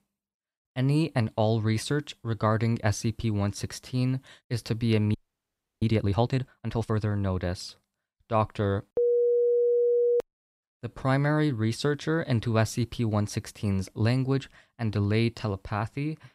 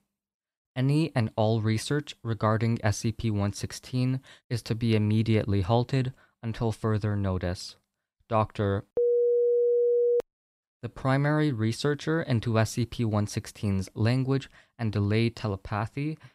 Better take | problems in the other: second | audio freezing; at 5 s for 0.5 s

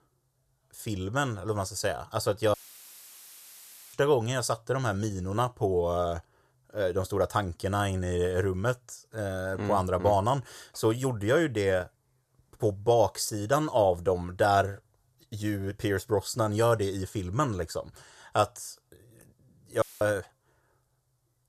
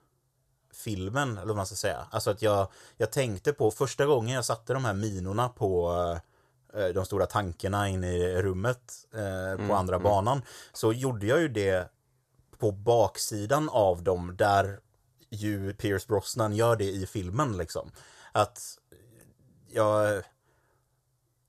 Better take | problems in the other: second | audio cutting out; filled with static; at 2.5 s for 1.5 s and at 20 s

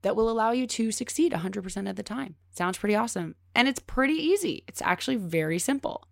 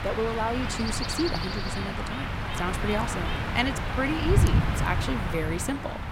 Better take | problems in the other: first | wind noise on the microphone; heavy; as loud as the speech

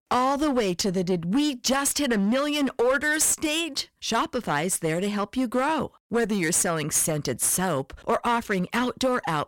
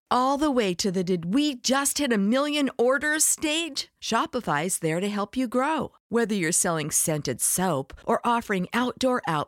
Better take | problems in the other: second | distortion; slight; 9% of the sound clipped

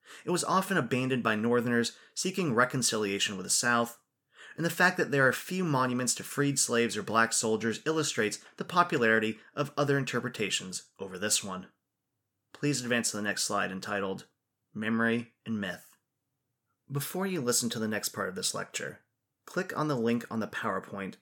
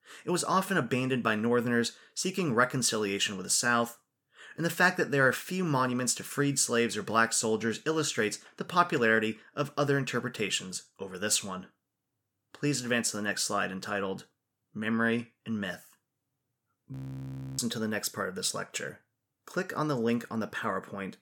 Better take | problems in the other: first | audio freezing; at 17 s for 0.5 s

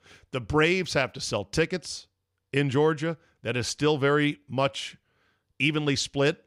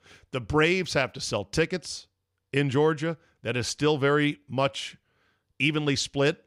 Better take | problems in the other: neither | none

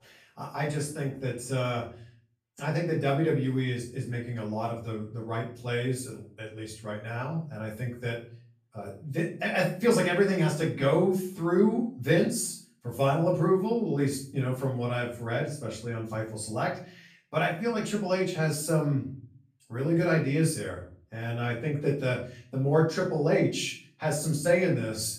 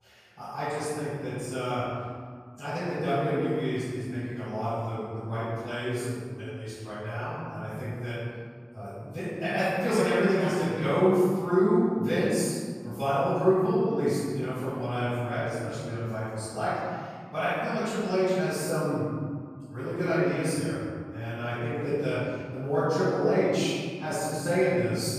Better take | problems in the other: first | room echo; strong; dies away in 1.8 s; slight in the first // off-mic speech; far; far in the first

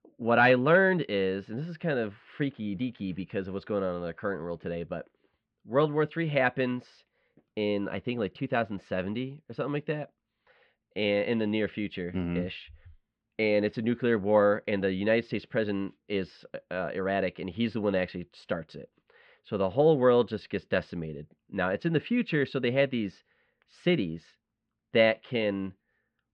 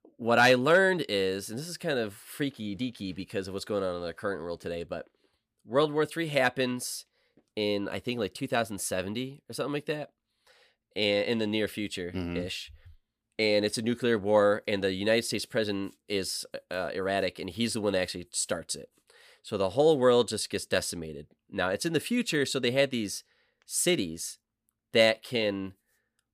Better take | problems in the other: second | muffled; very; fading above 3 kHz

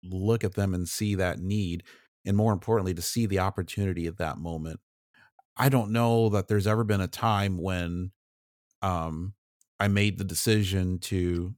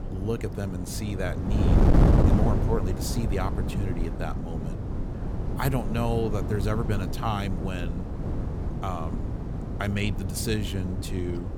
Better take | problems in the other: first | wind noise on the microphone; heavy; 3 dB below the speech

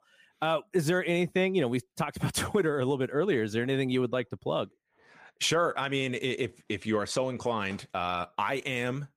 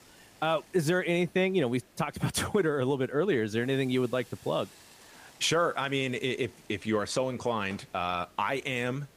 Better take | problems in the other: first | hiss; faint; throughout; 25 dB below the speech

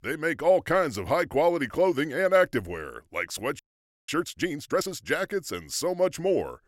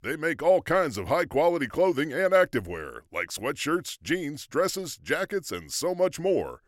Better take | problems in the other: second | audio freezing; at 3.5 s

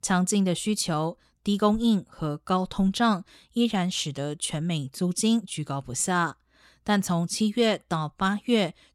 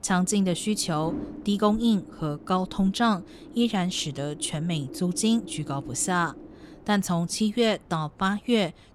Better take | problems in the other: first | wind noise on the microphone; occasional gusts; 20 dB below the speech

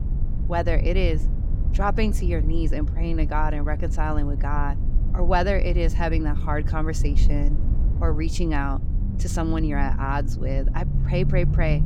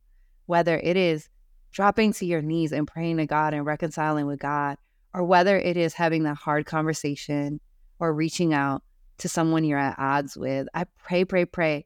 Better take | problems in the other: second | low rumble; noticeable; throughout; 10 dB below the speech

